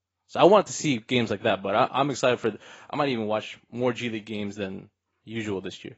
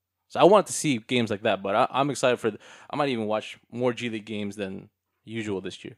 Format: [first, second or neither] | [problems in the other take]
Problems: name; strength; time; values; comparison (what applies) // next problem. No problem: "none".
second | garbled, watery; badly; nothing above 7.5 kHz